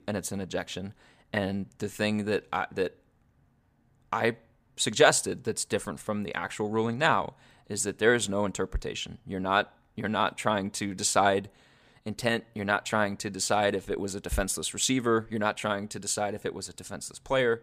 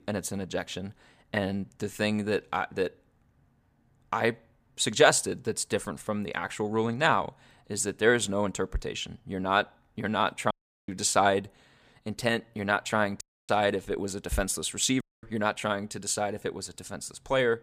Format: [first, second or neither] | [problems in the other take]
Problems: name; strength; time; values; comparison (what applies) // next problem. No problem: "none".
first | audio cutting out; at 11 s, at 13 s and at 15 s